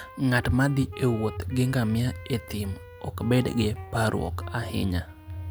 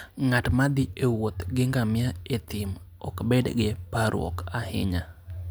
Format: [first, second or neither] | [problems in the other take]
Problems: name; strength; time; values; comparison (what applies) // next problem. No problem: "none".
second | background sound (Wind instrument, woodwind instrument); 19 dB below the speech